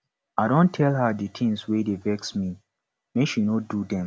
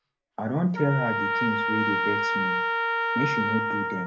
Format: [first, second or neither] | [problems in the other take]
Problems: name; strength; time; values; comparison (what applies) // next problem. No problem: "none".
first | background sound (Trumpet); 2 dB above the speech // room echo; dies away in 0.3 s